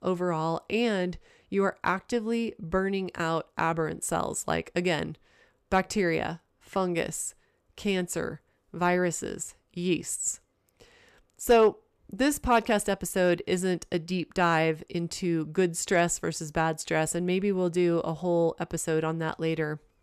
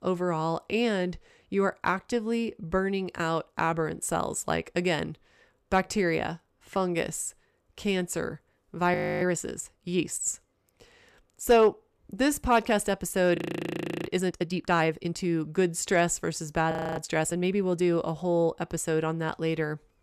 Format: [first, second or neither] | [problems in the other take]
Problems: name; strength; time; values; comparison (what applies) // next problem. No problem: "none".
first | audio freezing; at 9 s, at 13 s for 0.5 s and at 17 s